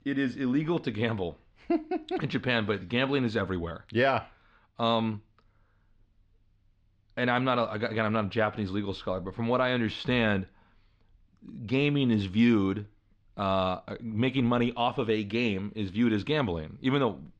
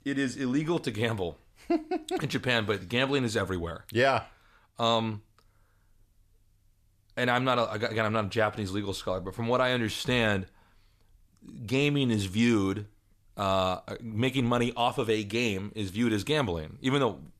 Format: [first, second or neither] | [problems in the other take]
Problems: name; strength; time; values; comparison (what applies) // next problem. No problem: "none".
second | muffled; very slightly; fading above 4 kHz